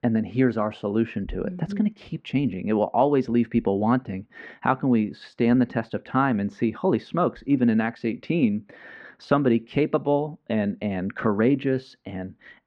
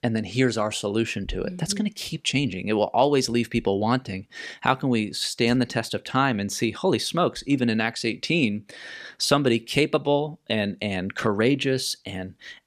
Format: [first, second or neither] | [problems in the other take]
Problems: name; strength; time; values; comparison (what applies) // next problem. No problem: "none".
second | muffled; very; fading above 1.5 kHz